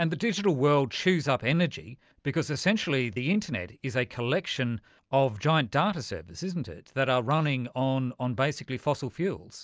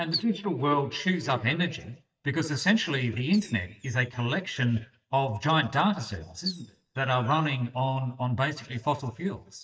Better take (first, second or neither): first